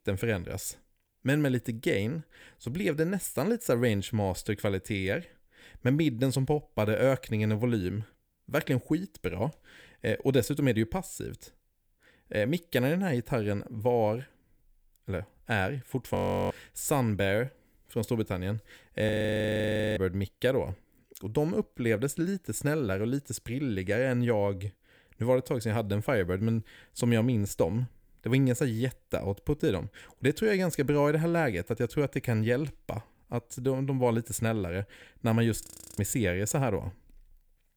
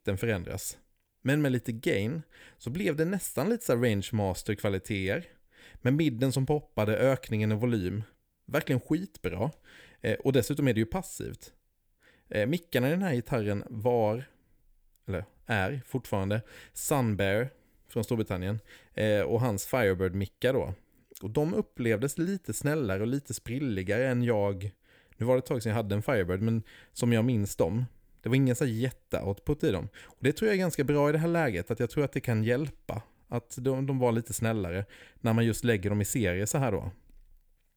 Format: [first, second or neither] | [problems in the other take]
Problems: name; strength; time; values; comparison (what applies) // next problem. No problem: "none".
second | audio freezing; at 16 s, at 19 s for 1 s and at 36 s